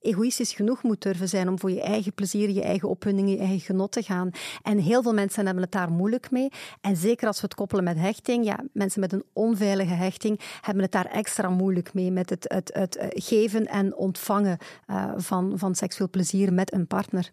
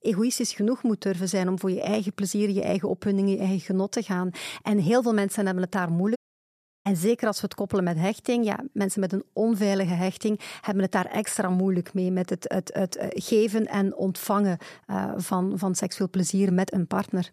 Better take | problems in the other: first | audio cutting out; at 6 s for 0.5 s

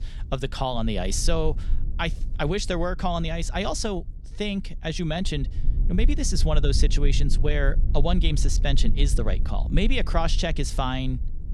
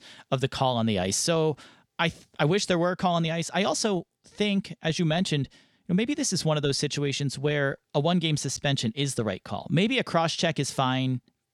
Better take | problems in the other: second | low rumble; noticeable; throughout; 20 dB below the speech

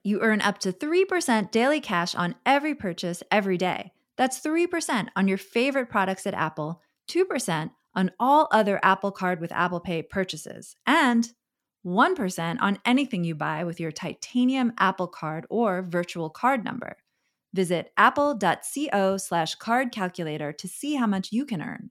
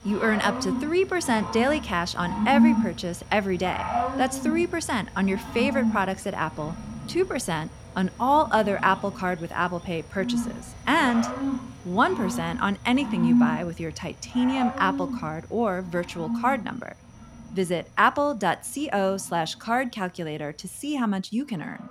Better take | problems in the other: first | animal sounds; loud; throughout; 3 dB below the speech

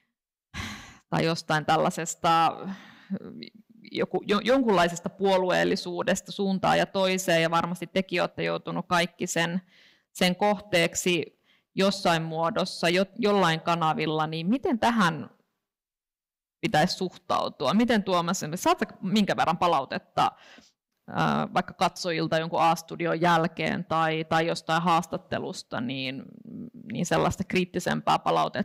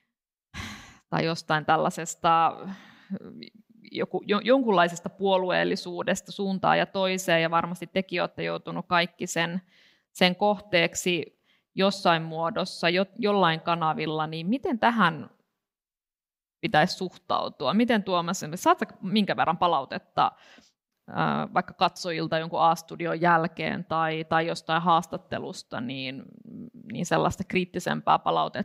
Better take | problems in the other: second | distortion; slight; 4% of the sound clipped

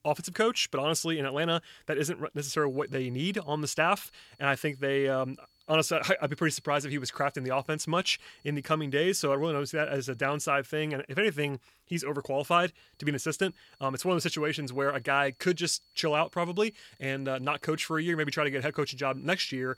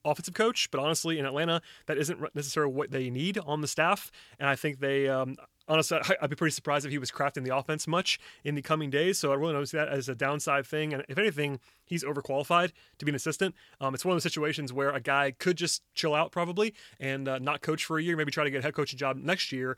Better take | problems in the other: second | high-pitched whine; faint; from 2.5 to 11 s and from 13 s on; 4.5 kHz, 35 dB below the speech

